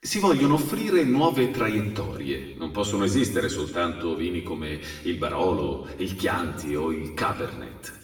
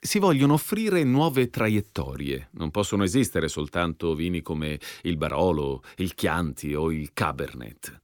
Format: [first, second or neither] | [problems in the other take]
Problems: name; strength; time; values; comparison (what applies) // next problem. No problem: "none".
second | room echo; noticeable; dies away in 1 s // off-mic speech; far